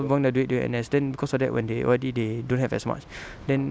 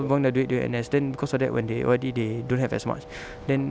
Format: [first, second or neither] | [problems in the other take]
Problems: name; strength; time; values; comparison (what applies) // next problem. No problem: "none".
first | background sound (Wind instrument, woodwind instrument); 19 dB below the speech